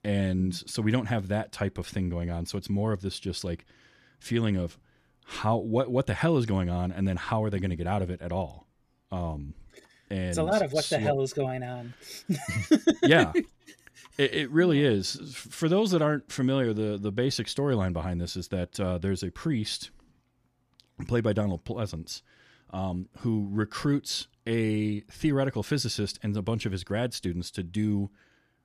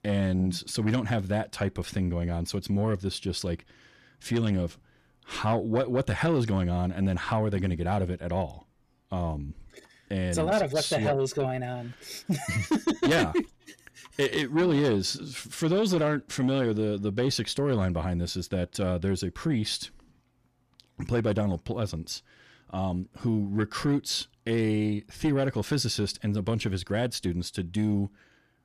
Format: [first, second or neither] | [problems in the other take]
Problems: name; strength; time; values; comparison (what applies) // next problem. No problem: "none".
first | distortion; slight; 10 dB below the speech